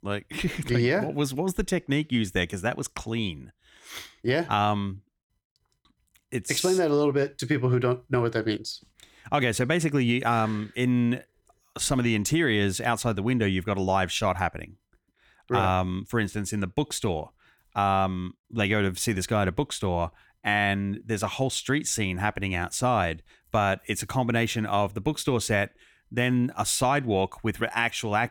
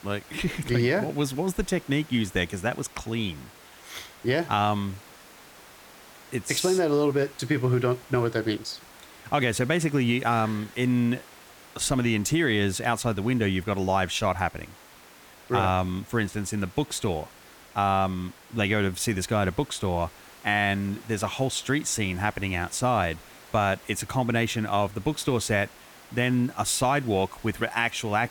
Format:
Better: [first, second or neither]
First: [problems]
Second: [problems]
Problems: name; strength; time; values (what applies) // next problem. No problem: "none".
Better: first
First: none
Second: hiss; faint; throughout; 20 dB below the speech